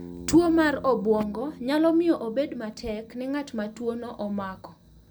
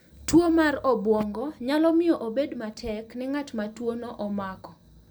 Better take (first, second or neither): second